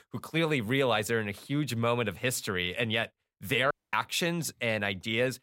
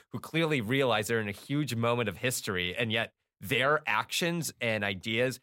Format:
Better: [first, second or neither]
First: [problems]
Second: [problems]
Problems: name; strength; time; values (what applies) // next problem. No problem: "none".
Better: second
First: audio cutting out; at 3.5 s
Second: none